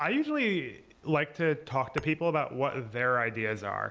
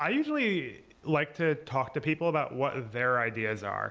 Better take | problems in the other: second | background sound (Tap / Glass); 17 dB below the speech

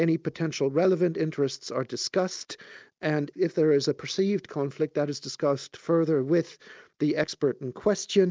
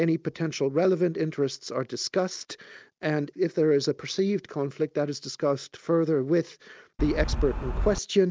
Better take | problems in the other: first | background sound (Wind); 1 dB below the speech

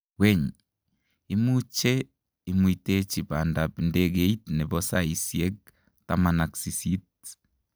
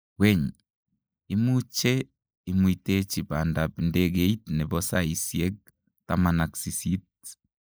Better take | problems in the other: first | noise reduction (neural mask model Resemble Enhance denoiser)

